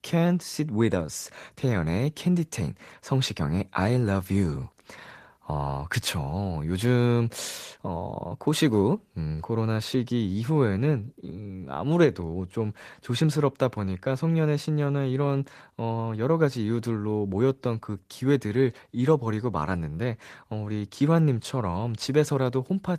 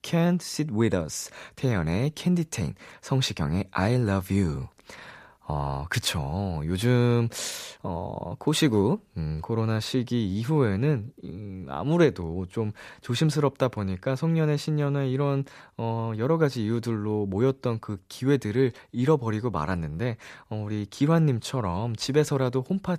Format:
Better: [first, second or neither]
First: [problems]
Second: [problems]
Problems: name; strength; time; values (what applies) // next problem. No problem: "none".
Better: second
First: garbled, watery; slightly; nothing above 14.5 kHz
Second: none